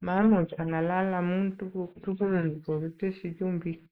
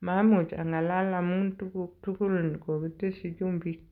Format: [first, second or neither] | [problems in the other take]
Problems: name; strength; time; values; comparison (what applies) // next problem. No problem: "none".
second | noise reduction (neural mask model Resemble Enhance denoiser)